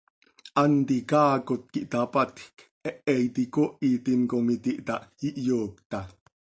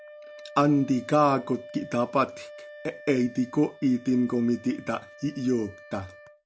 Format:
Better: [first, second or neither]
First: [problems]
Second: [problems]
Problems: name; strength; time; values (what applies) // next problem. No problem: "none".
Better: first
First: none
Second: background sound (Wind instrument, woodwind instrument); 19 dB below the speech